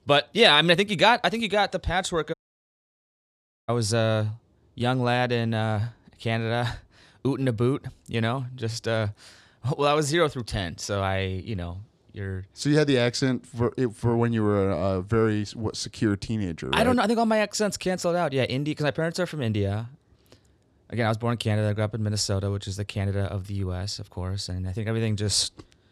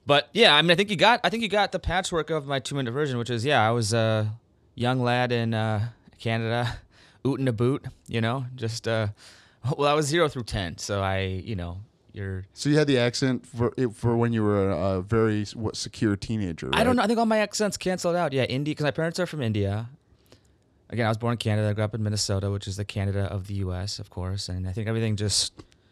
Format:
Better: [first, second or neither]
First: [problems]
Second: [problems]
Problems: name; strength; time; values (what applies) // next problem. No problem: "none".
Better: second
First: audio cutting out; at 2.5 s for 1.5 s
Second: none